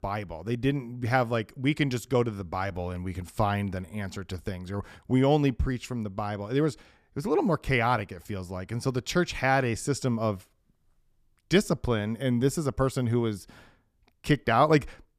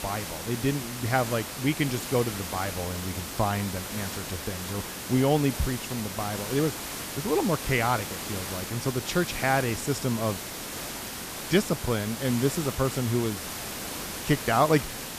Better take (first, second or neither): first